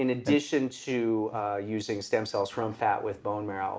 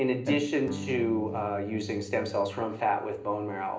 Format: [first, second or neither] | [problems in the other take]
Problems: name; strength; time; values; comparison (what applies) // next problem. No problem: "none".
first | background sound (Electric guitar / Strum); 10 dB below the speech // room echo; dies away in 0.5 s